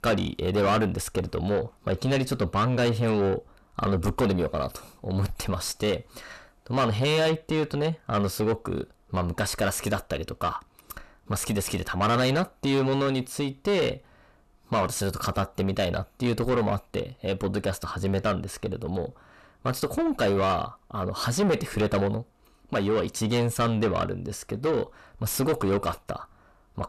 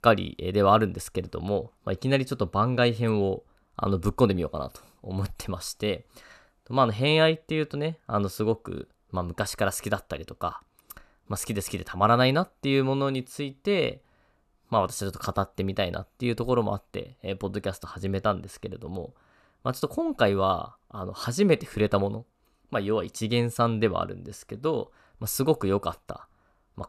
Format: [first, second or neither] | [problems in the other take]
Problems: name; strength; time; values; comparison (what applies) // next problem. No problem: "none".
second | distortion; heavy; 5 dB below the speech